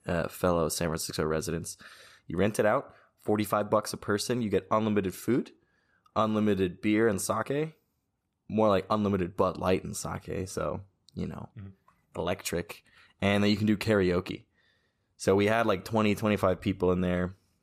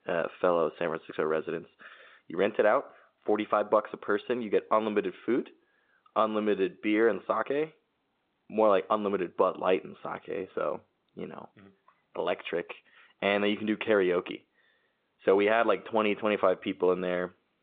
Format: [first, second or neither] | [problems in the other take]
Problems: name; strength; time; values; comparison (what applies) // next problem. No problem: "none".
first | phone-call audio